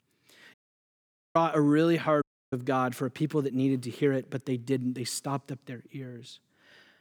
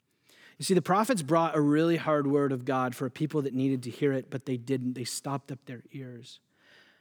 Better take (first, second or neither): second